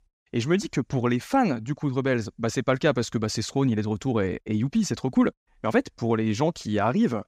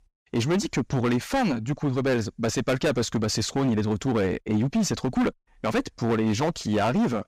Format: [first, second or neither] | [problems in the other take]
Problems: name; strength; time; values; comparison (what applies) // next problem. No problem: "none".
first | distortion; heavy; 17% of the sound clipped